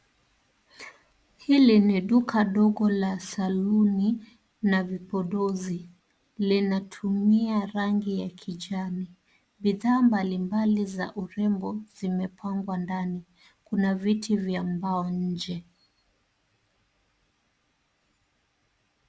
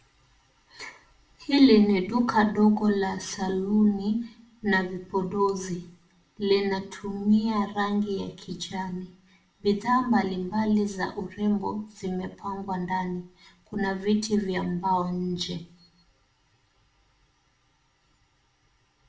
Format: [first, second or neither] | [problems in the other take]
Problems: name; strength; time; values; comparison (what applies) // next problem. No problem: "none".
first | room echo; dies away in 0.4 s